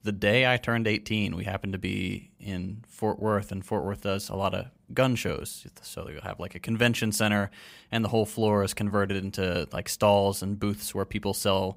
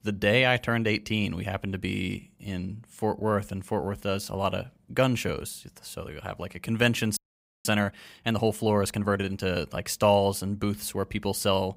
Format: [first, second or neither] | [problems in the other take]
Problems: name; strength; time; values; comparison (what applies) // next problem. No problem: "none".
first | audio freezing; at 7 s